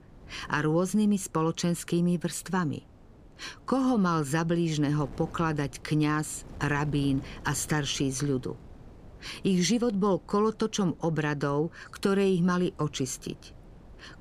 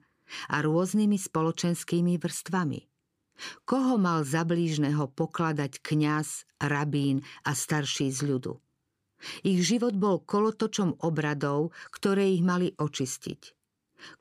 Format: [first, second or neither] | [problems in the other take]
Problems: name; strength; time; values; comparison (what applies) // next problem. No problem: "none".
second | wind noise on the microphone; occasional gusts; 25 dB below the speech